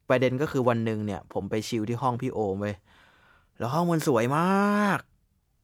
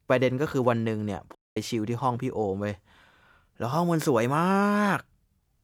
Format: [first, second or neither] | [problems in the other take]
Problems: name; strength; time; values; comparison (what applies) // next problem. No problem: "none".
first | audio cutting out; at 1.5 s